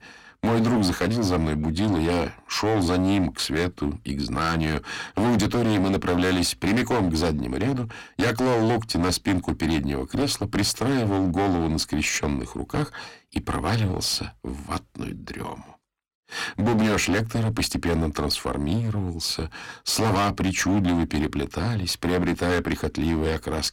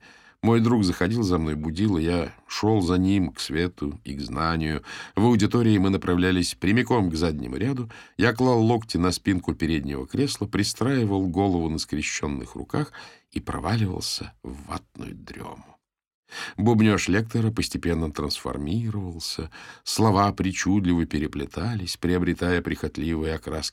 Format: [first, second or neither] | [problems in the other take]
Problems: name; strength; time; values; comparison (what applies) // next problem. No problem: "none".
second | distortion; heavy; 16% of the sound clipped